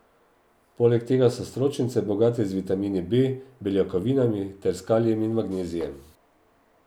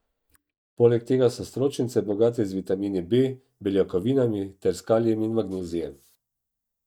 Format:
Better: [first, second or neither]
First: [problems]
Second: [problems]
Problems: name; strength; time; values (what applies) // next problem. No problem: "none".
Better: first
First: none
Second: noise reduction (neural mask model DeepFilterNet 3)